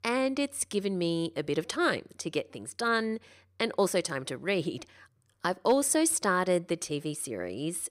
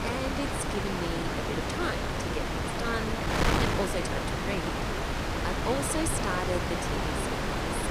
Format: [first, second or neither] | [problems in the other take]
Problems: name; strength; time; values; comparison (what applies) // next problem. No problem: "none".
first | wind noise on the microphone; heavy; 5 dB above the speech